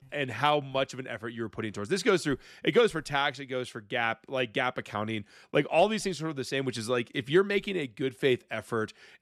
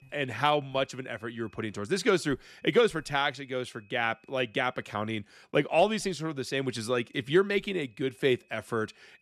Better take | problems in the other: first | high-pitched whine; faint; until 1.5 s, from 2.5 to 5 s and from 6.5 s on; 2.5 kHz, 35 dB below the speech

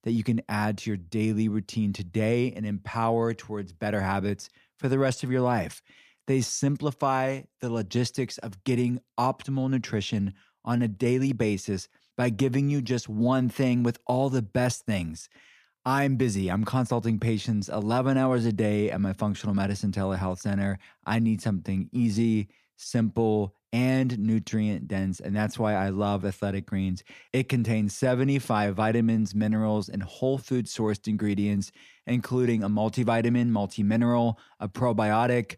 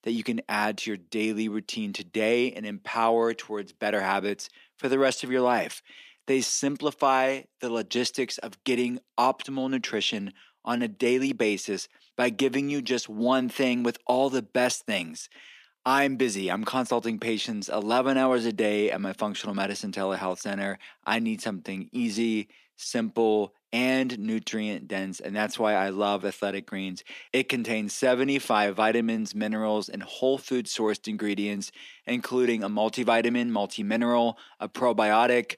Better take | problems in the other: first | thin; very slightly; fading below 300 Hz

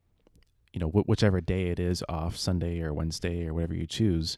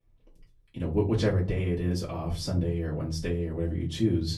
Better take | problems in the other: first | off-mic speech; far // room echo; very slight; dies away in 0.3 s

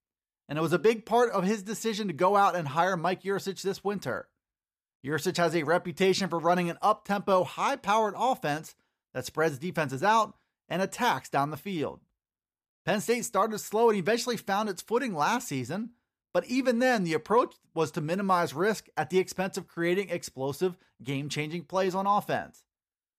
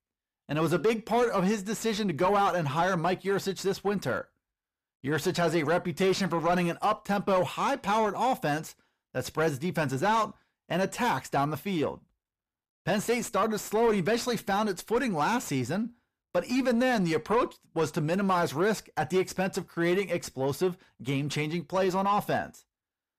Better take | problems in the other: first | distortion; slight; 10 dB below the speech

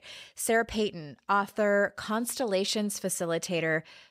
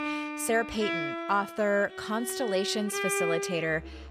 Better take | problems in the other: first | background music; loud; throughout; 5 dB below the speech

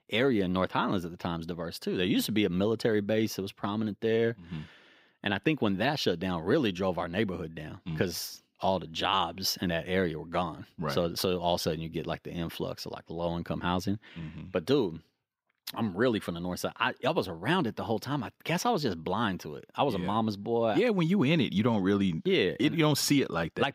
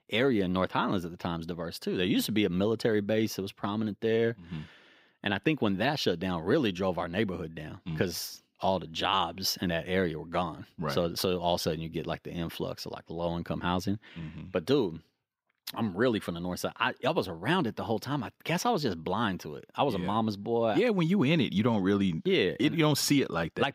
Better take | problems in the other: neither | none

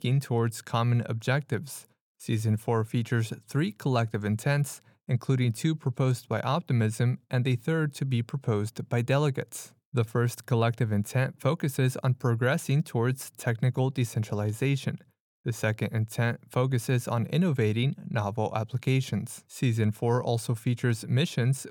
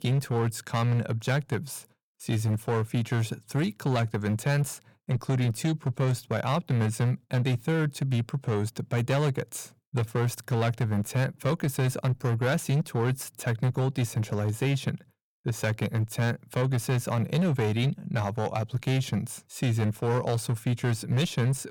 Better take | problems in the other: first | distortion; slight; 14% of the sound clipped

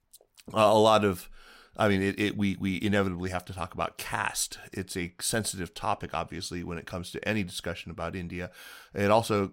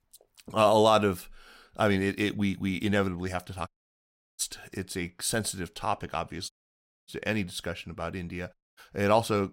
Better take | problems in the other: first | audio cutting out; at 3.5 s for 0.5 s, at 6.5 s for 0.5 s and at 8.5 s

